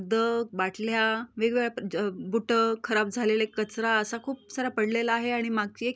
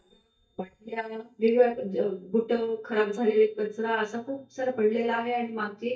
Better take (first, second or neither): first